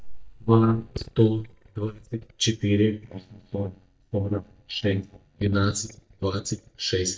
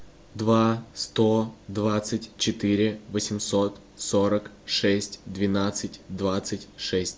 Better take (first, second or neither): second